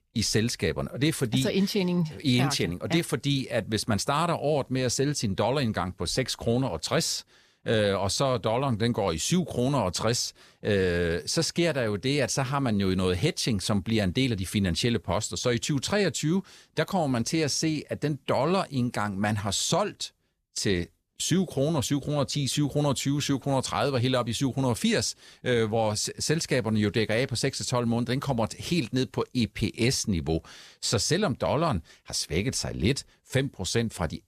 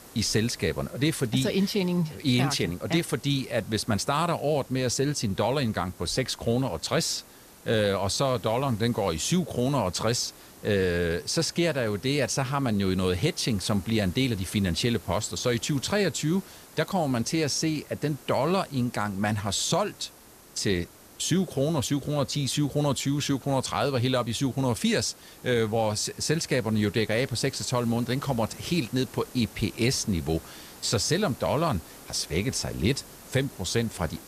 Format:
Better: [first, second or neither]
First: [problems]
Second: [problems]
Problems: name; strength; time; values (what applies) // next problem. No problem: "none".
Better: first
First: none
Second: hiss; faint; throughout; 20 dB below the speech